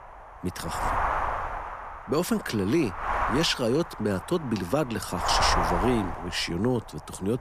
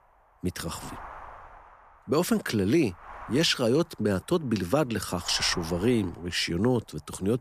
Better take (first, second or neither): second